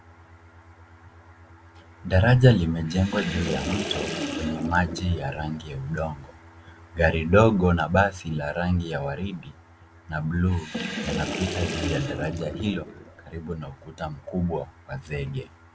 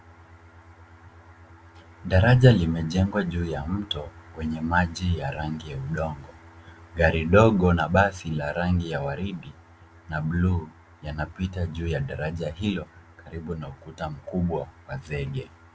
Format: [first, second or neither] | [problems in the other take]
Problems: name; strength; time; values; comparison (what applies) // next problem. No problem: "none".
second | background sound (Sink (filling or washing) / Water); 8 dB below the speech